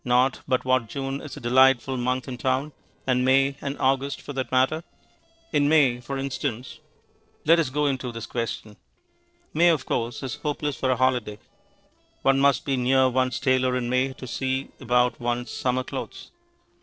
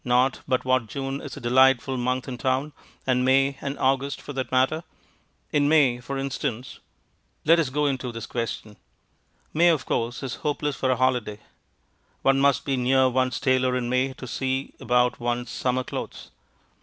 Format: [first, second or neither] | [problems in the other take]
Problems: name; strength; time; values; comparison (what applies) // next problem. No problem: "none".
second | noise reduction (neural separator model SepFormer DNS4)